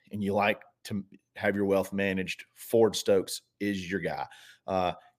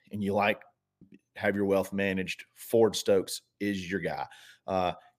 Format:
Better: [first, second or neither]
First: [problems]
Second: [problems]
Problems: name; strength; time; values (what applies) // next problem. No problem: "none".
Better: first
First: none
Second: audio freezing; at 1 s